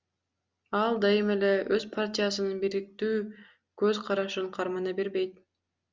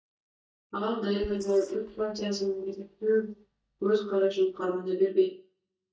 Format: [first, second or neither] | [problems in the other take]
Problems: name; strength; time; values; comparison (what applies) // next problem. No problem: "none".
first | noise reduction (neural mask model DeepFilterNet 3)